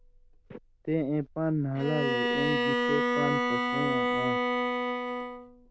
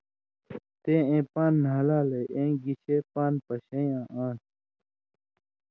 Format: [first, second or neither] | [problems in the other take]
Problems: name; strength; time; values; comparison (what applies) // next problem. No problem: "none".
second | background sound (Bowed string instrument); 3 dB above the speech